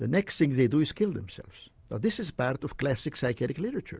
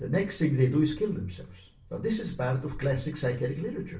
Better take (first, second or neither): first